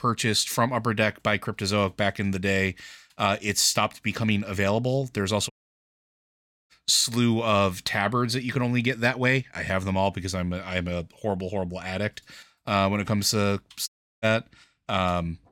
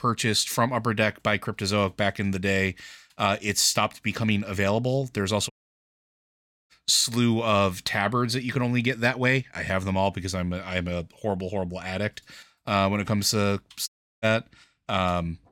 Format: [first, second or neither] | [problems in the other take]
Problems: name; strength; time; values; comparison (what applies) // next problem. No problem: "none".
neither | audio cutting out; at 5.5 s for 1 s and at 14 s; the same in both